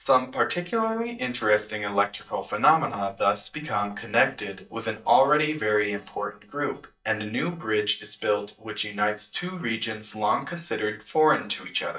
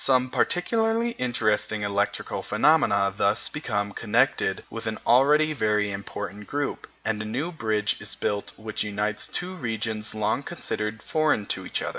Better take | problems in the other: second | noise reduction (neural mask model DeepFilterNet 3)

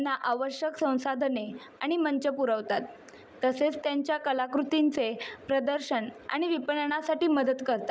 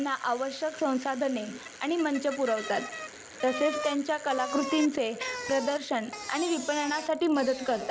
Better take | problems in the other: first | background sound (Bicycle); 10 dB below the speech

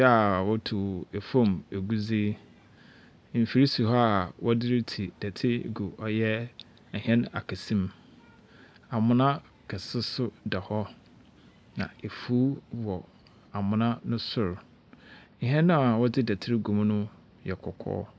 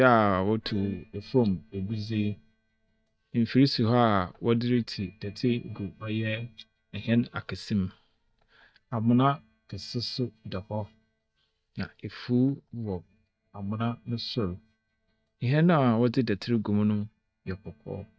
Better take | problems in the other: first | noise reduction (neural mask model DeepFilterNet 3)

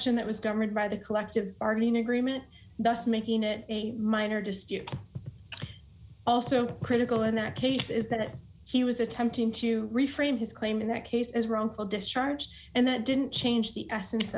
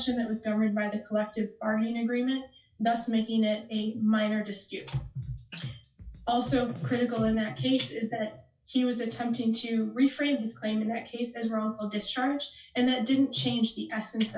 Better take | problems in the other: first | noise reduction (classical method WPE with log-MMSE)

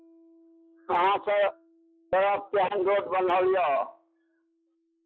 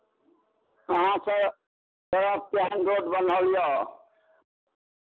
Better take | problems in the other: second | noise reduction (classical method log-MMSE)

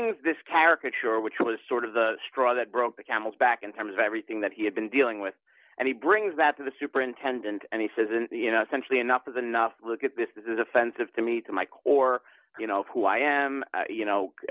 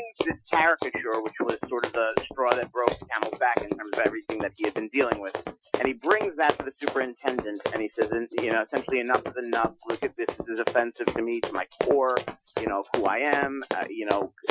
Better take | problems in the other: first | noise reduction (classical method Wiener filter)

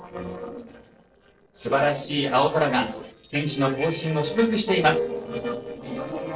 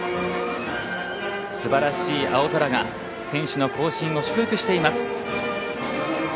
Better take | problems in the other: second | noise reduction (neural separator model SepFormer DNS4)

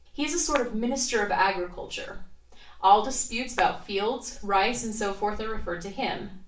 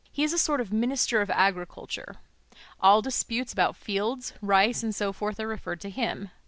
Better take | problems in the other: second | background sound (Clapping); 9 dB below the speech // room echo; dies away in 0.3 s

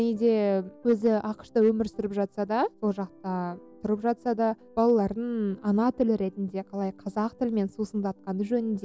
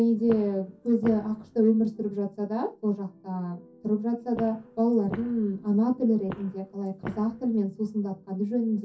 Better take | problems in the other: first | background sound (Walk, footsteps); 16 dB below the speech // room echo; dies away in 0.3 s

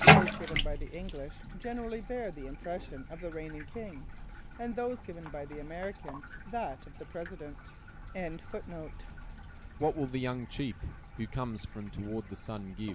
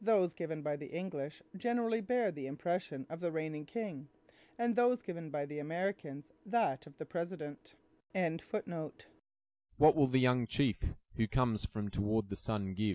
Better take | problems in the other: second | background sound (Bathtub (filling or washing)); 4 dB above the speech

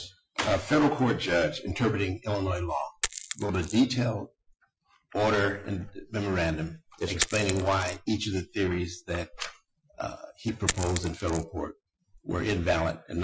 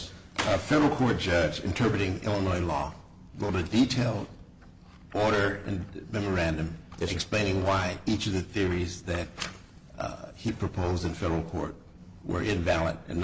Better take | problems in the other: second | noise reduction (classical method Wiener filter)

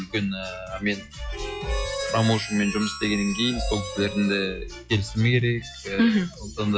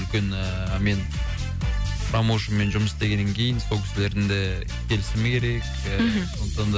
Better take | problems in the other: second | noise reduction (classical method log-MMSE)

